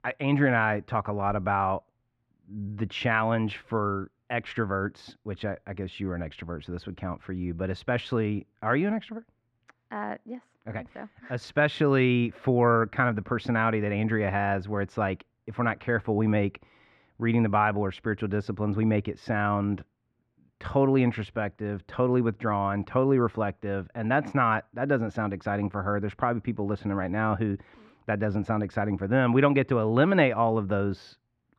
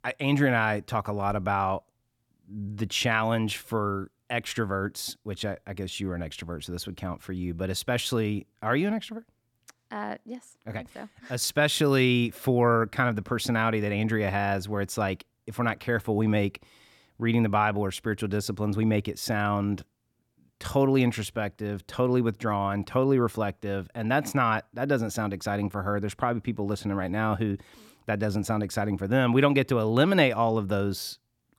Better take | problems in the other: second | muffled; very; fading above 2 kHz

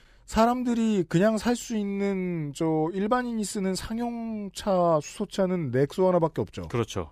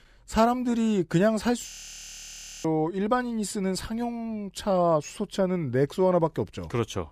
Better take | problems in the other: first | audio freezing; at 1.5 s for 1 s

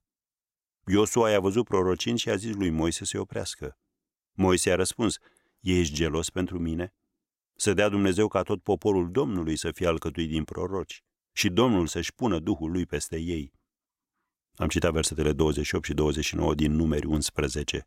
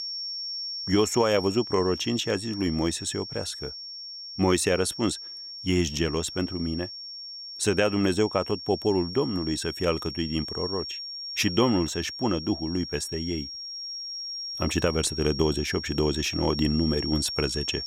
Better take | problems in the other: first | high-pitched whine; loud; throughout; 5.5 kHz, 7 dB below the speech

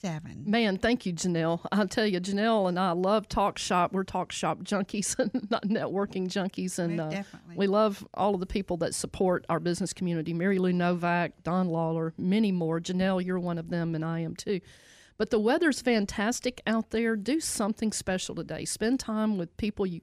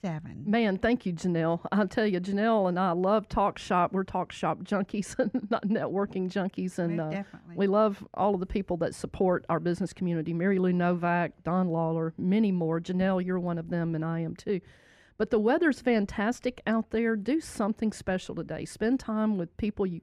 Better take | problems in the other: first | muffled; slightly; fading above 3 kHz

